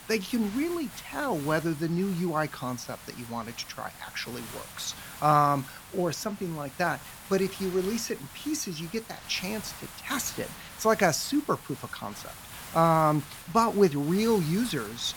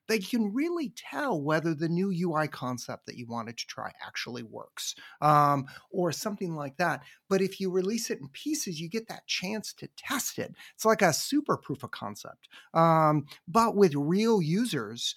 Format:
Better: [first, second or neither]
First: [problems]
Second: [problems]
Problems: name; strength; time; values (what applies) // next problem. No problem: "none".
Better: second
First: hiss; noticeable; throughout; 15 dB below the speech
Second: none